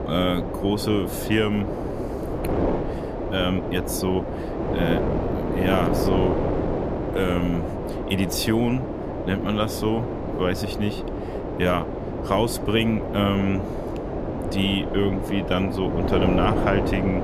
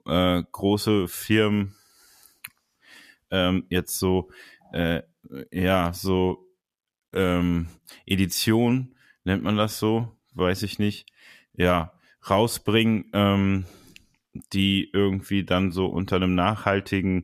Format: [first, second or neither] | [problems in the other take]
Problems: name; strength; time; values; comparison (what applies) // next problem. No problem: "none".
second | wind noise on the microphone; heavy; 3 dB below the speech